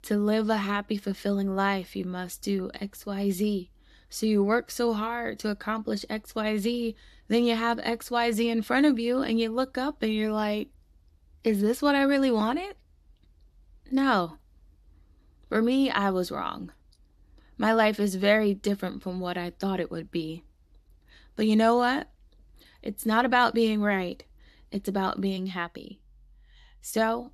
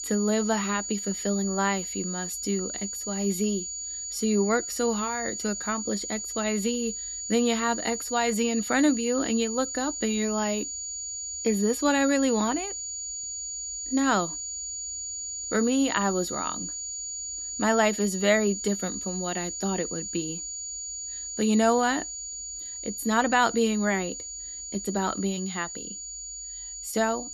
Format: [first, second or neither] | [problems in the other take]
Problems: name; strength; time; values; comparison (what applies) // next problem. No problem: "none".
first | high-pitched whine; loud; throughout; 7 kHz, 5 dB below the speech